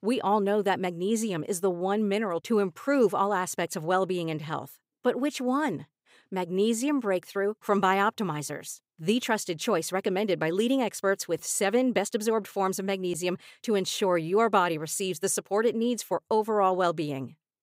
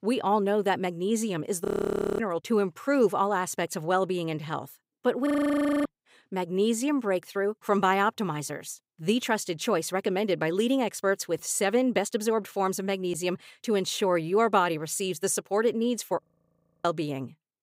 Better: first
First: none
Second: audio freezing; at 1.5 s for 0.5 s, at 5.5 s for 0.5 s and at 16 s for 0.5 s

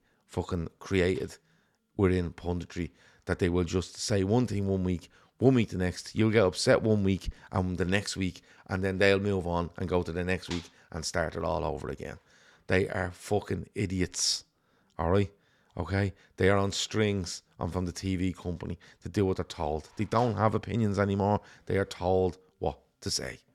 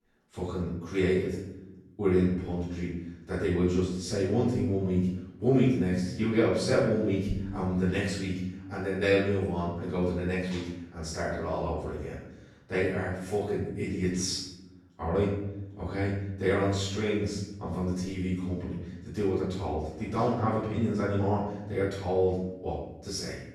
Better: first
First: none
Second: off-mic speech; far // room echo; noticeable; dies away in 0.9 s

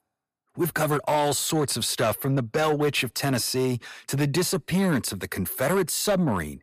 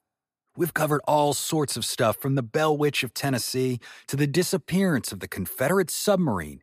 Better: second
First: distortion; slight; 10 dB below the speech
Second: none

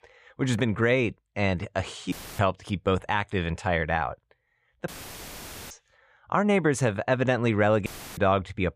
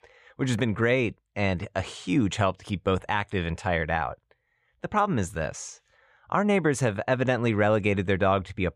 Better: second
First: audio cutting out; filled with static; at 2 s, at 5 s for 1 s and at 8 s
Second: none

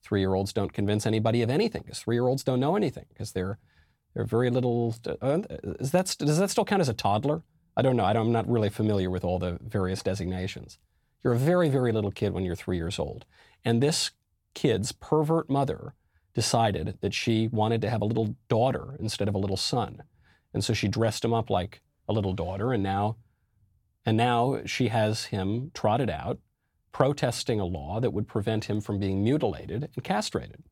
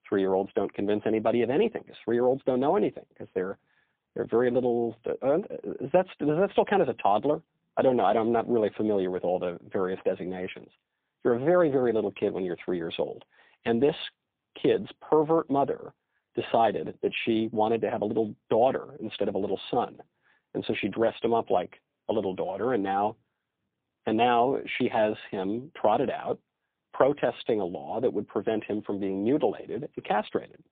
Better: first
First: none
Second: phone-call audio; poor line; nothing above 3.5 kHz

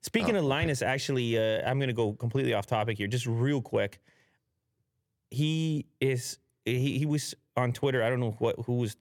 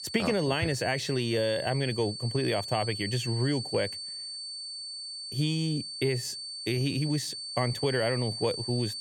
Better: first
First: none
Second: high-pitched whine; loud; throughout; 4.5 kHz, 6 dB below the speech

